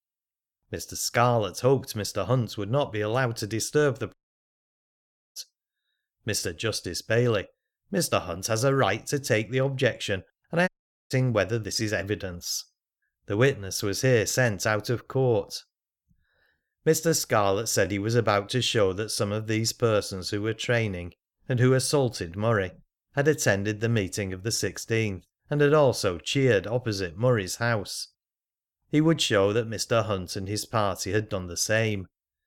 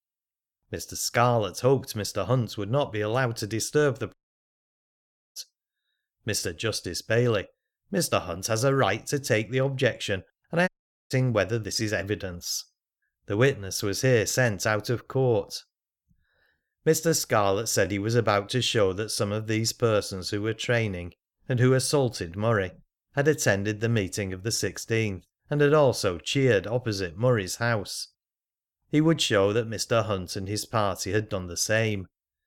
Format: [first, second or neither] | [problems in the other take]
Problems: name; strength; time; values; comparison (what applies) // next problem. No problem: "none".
neither | audio cutting out; at 4 s for 1 s and at 11 s; the same in both